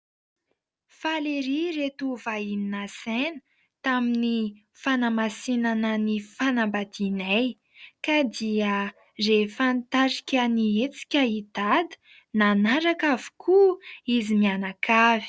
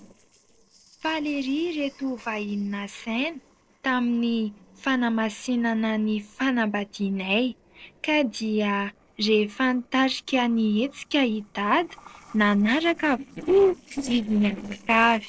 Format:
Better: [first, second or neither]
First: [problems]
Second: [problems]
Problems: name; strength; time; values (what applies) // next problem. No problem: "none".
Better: first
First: none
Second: noise reduction (neural separator model SepFormer DNS4)